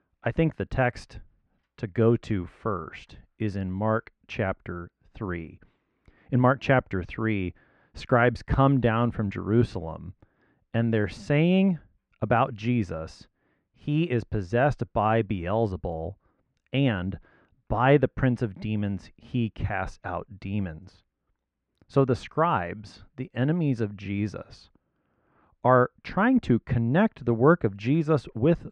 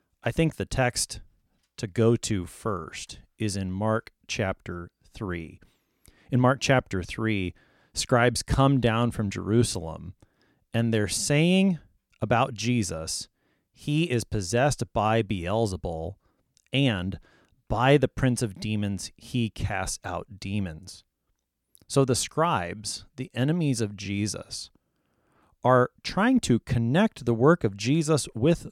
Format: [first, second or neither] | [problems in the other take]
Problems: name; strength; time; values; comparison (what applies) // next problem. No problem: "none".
second | muffled; very; fading above 2 kHz